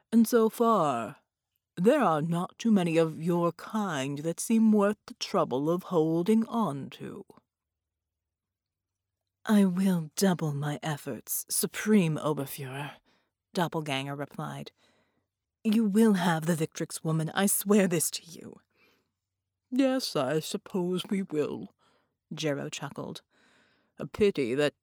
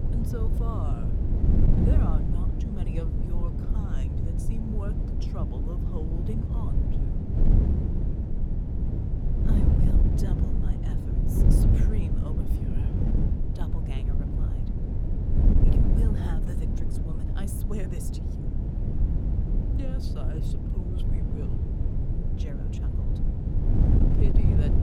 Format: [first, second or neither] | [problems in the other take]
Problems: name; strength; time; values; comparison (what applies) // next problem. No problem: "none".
first | wind noise on the microphone; heavy; 5 dB above the speech